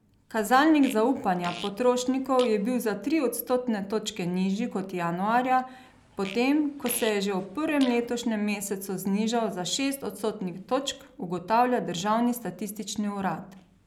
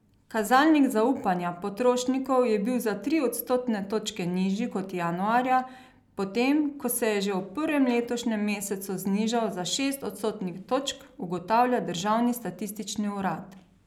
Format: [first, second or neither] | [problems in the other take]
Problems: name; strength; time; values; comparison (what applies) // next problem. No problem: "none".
second | background sound (Fart); 18 dB below the speech